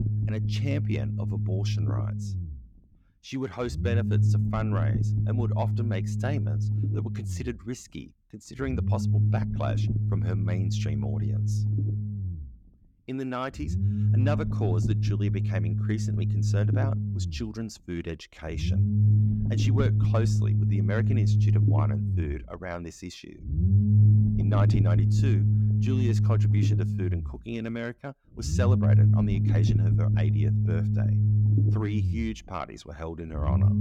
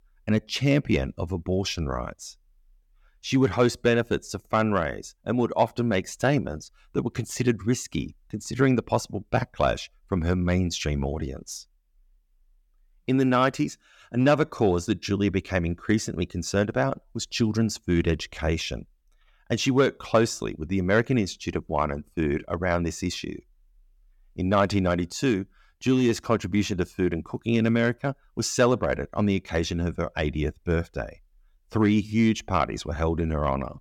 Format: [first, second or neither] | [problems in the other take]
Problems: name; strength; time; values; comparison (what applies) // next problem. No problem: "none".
second | low rumble; loud; throughout; 1 dB below the speech